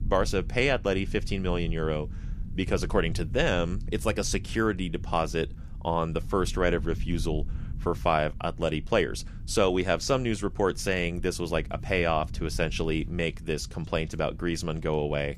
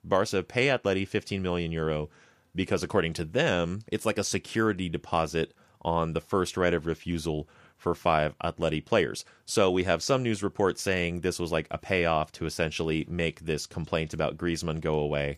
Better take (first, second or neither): second